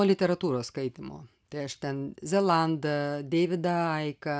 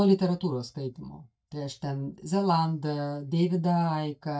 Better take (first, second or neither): first